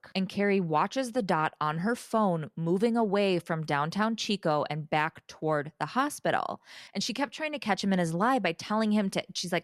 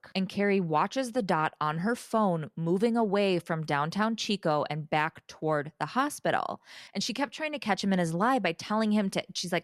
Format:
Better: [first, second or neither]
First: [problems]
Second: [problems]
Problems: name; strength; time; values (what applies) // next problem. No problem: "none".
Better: neither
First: none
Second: none